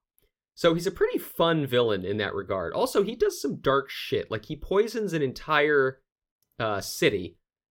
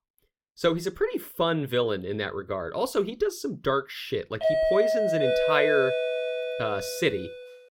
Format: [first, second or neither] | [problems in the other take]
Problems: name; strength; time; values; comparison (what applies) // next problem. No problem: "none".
first | doorbell; loud; from 4.5 s on; peak 5 dB above the speech